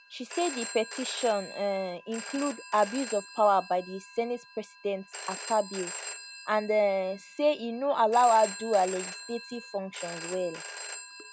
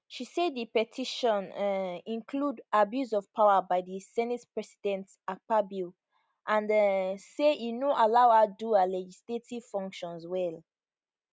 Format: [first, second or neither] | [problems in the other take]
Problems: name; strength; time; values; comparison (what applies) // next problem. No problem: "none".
second | background sound (Telephone); 12 dB below the speech